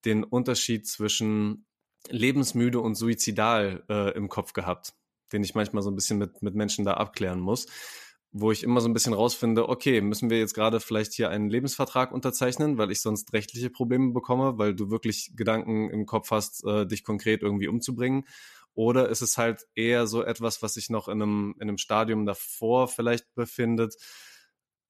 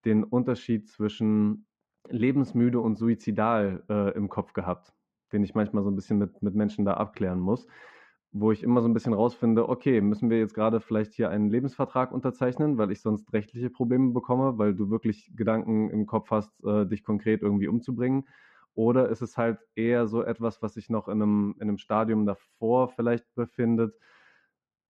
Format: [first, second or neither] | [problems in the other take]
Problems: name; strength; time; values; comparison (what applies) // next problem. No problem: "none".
first | muffled; very; fading above 1.5 kHz